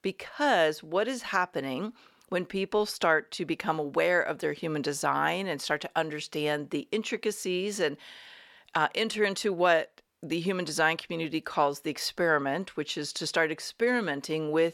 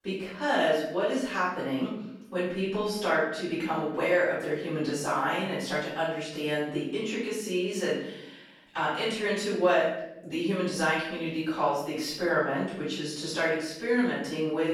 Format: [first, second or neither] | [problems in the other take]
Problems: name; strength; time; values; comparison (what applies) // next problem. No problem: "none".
first | off-mic speech; far // room echo; noticeable; dies away in 0.7 s